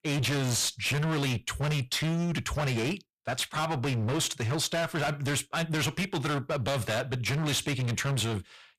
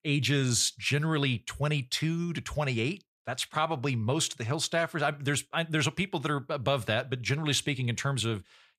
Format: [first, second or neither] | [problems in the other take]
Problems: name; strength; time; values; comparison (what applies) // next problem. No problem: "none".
second | distortion; heavy; 32% of the sound clipped